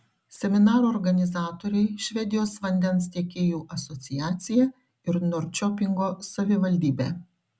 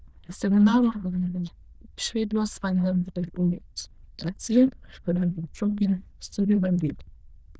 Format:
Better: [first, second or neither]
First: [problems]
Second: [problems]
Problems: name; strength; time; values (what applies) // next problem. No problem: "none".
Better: first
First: none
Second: noise reduction (neural diffusion model UNIVERSE++)